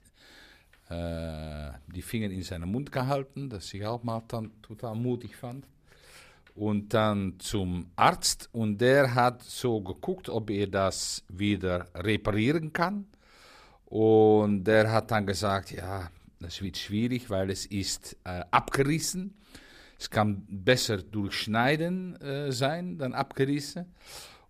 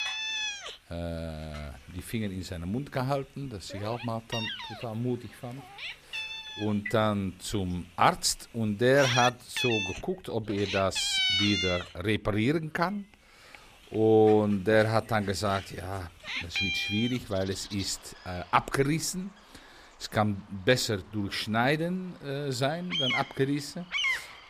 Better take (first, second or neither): first